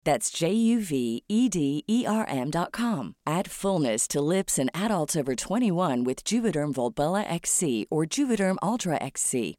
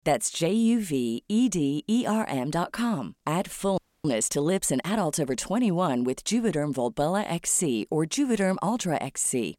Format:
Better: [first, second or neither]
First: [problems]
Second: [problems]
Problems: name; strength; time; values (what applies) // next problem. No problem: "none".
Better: first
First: none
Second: audio freezing; at 4 s